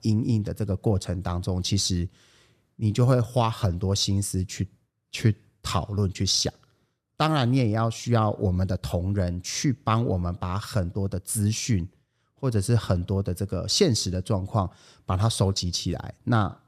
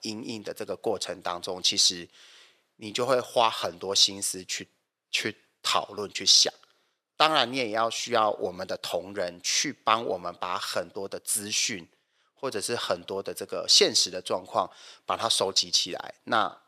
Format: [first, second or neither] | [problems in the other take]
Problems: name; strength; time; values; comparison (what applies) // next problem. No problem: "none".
first | thin; very; fading below 550 Hz